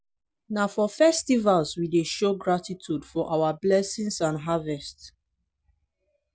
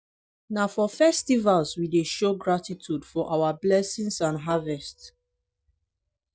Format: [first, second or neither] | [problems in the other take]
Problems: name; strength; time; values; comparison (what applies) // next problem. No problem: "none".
first | noise reduction (neural mask model DeepFilterNet 3)